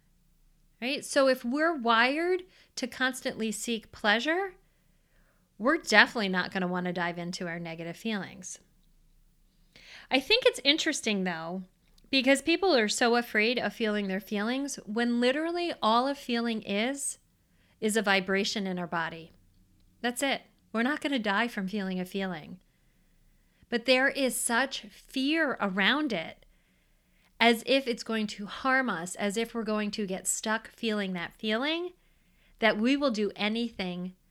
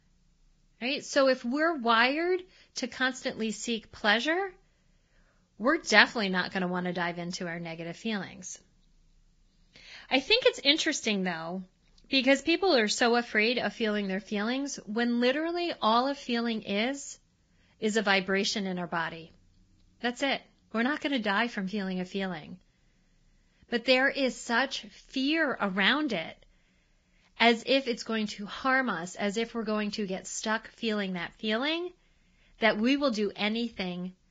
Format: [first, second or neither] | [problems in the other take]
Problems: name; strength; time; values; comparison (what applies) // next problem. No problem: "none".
first | garbled, watery; badly; nothing above 7.5 kHz